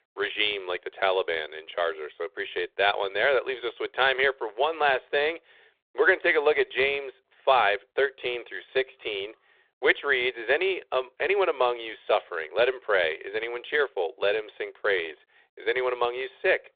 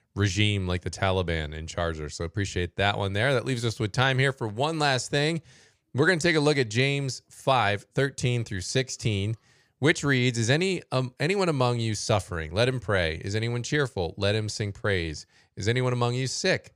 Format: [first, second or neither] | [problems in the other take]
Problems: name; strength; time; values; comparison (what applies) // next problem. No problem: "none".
second | phone-call audio